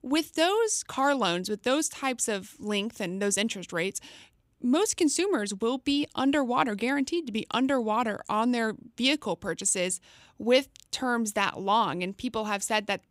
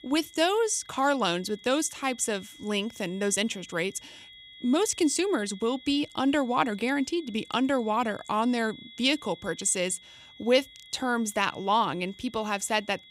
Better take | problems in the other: first | high-pitched whine; faint; throughout; 3.5 kHz, 20 dB below the speech

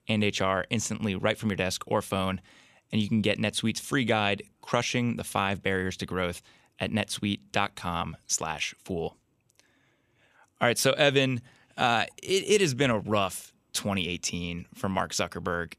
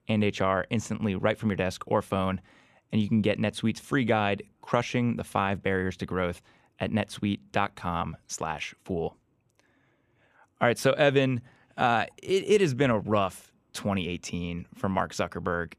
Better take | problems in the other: first | muffled; slightly; fading above 2.5 kHz

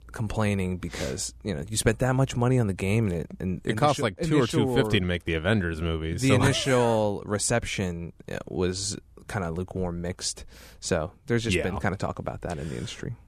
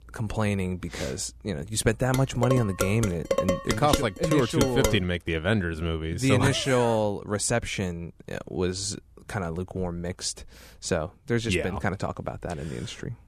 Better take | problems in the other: first | clattering dishes; loud; from 2 to 5 s; peak level with the speech

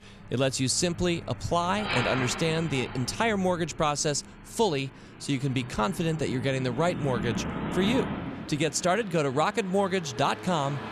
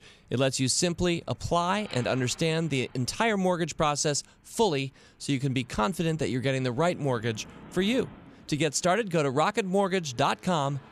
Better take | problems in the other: second | traffic noise; loud; throughout; 9 dB below the speech; faint in the second

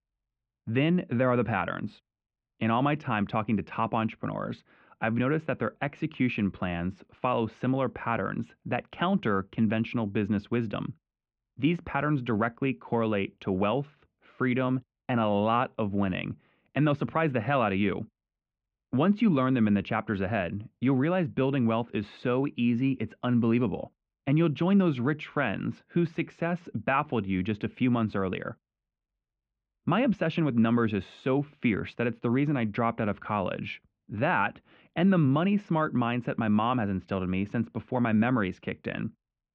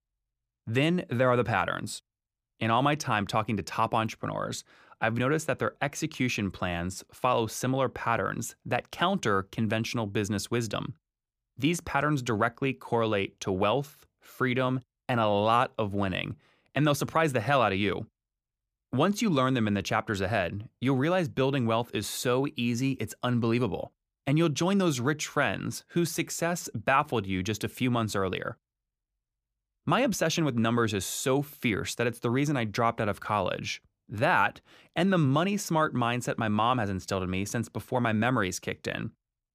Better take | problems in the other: second | muffled; very; fading above 2.5 kHz

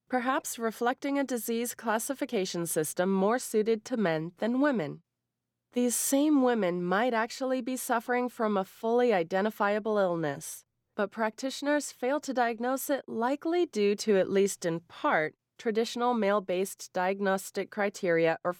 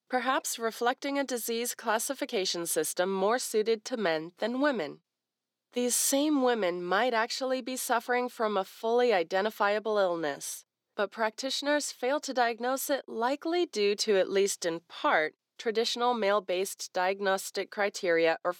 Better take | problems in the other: first | thin; very slightly; fading below 300 Hz

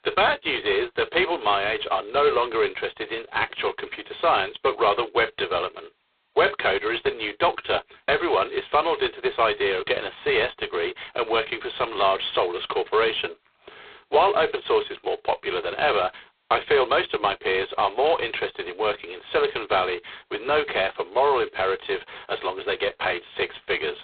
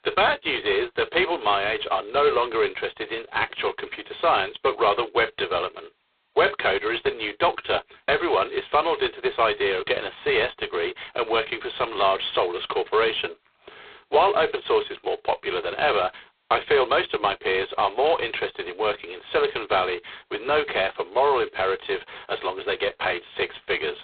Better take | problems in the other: neither | phone-call audio; poor line; nothing above 4 kHz; the same in both

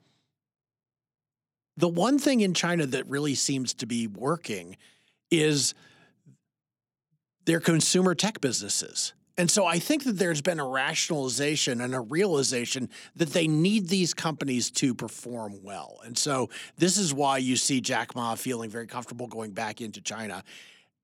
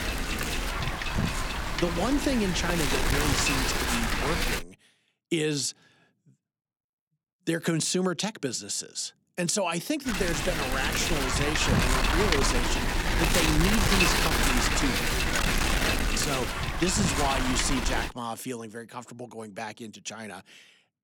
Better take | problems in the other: first | wind noise on the microphone; heavy; until 4.5 s and from 10 to 18 s; 4 dB above the speech

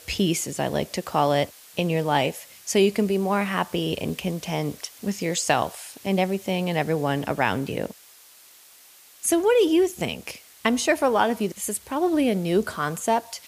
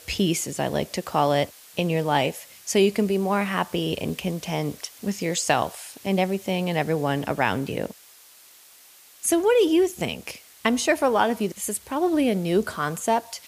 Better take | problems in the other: neither | hiss; faint; throughout; 20 dB below the speech; the same in both

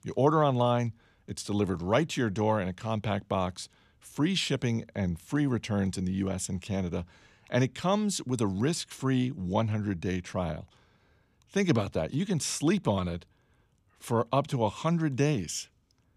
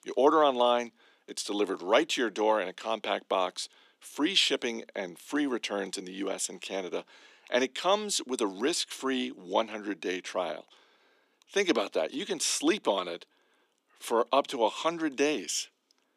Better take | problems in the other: first | thin; somewhat; fading below 300 Hz

